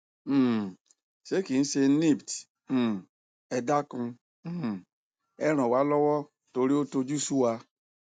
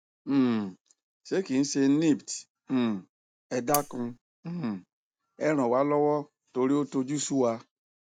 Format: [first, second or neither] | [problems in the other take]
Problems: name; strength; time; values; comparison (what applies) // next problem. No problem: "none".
first | background sound (Cutlery, silverware); 8 dB below the speech